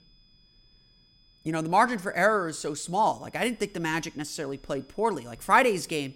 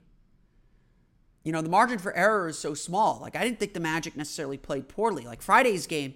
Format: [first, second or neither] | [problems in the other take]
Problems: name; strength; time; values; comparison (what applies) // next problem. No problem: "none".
second | high-pitched whine; faint; throughout; 5 kHz, 35 dB below the speech